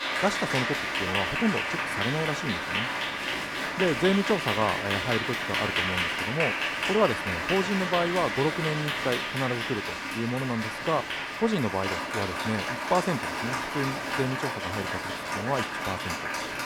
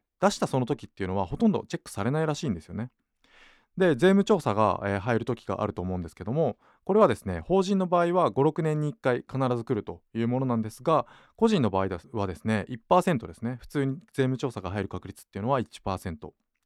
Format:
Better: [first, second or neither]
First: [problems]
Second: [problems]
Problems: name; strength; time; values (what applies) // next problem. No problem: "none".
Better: second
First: crowd noise; very loud; throughout; 1 dB above the speech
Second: none